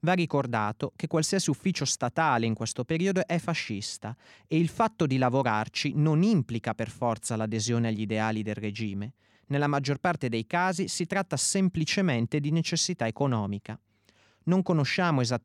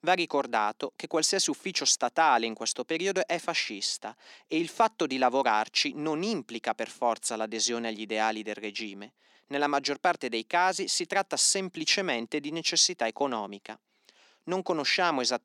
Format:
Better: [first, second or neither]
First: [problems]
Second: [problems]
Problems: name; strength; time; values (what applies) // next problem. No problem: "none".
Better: first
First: none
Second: thin; somewhat; fading below 300 Hz